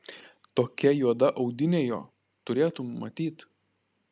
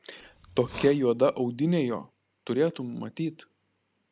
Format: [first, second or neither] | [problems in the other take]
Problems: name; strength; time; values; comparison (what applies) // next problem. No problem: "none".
first | background sound (Hiss); 17 dB below the speech